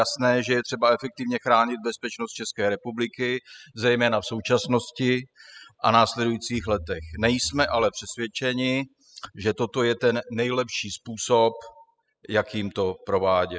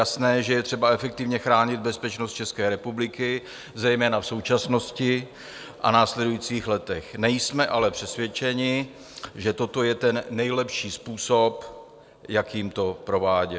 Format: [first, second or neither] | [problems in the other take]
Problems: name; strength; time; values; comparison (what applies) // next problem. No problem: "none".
second | noise reduction (classical method spectral subtraction)